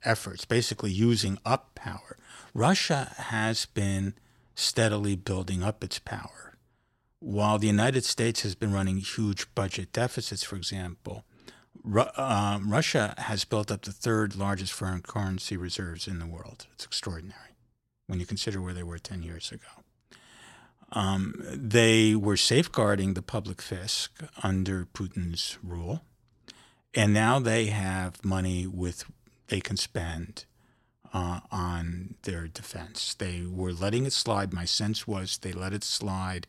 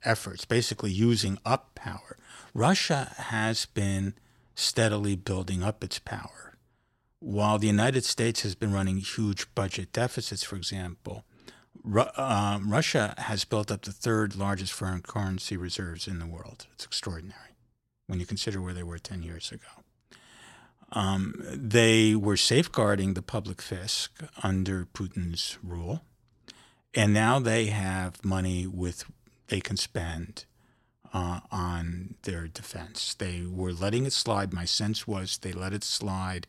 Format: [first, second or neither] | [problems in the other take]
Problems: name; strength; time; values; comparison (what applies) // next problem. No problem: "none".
neither | none